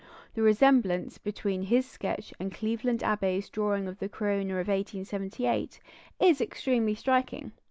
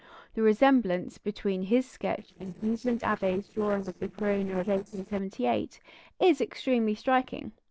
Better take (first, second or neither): first